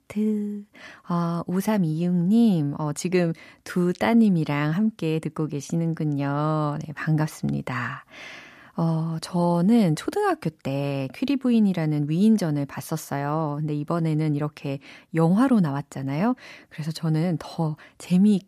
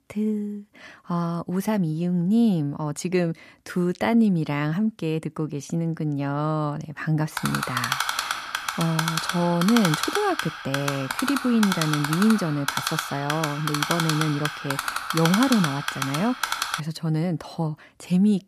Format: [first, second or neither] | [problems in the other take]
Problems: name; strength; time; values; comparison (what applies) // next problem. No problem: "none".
first | keyboard typing; loud; from 7.5 to 17 s; peak 1 dB above the speech